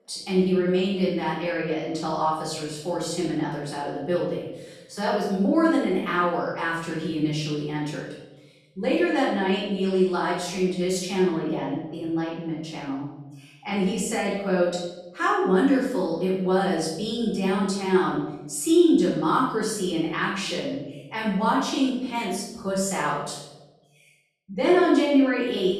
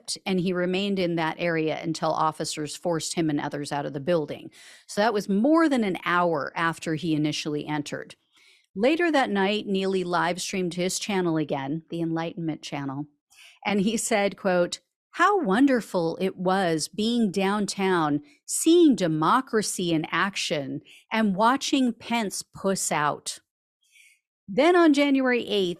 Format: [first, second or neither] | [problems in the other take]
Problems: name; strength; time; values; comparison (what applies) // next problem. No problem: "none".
second | off-mic speech; far // room echo; noticeable; dies away in 0.8 s